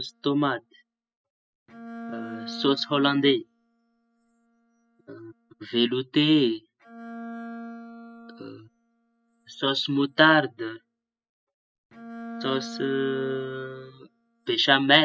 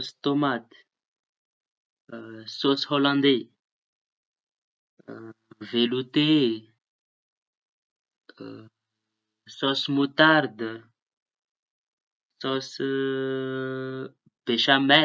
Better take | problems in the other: second | noise reduction (classical method spectral subtraction)

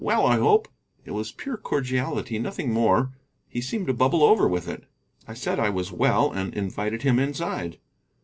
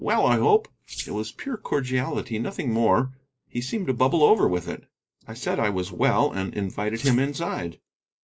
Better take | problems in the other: first | noise reduction (neural mask model Resemble Enhance denoiser)

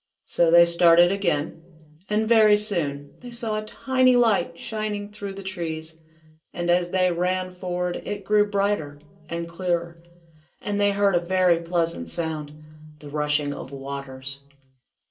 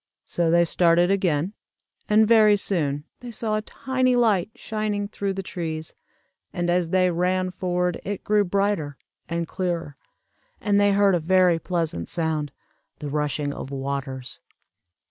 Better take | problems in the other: second | room echo; dies away in 0.2 s

